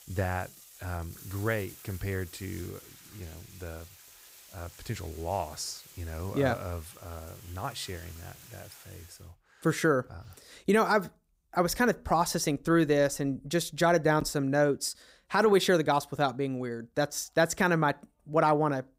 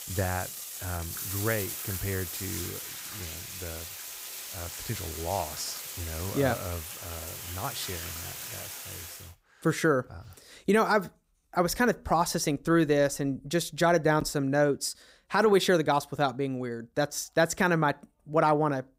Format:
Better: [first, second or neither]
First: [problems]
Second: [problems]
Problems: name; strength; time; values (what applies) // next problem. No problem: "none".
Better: first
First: household noises; faint; until 15 s; 20 dB below the speech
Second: household noises; loud; until 15 s; 8 dB below the speech